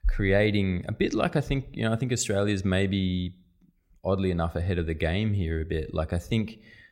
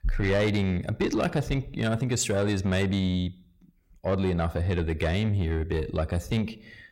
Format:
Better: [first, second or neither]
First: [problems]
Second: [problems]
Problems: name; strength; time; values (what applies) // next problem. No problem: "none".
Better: first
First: none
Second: distortion; slight; 10 dB below the speech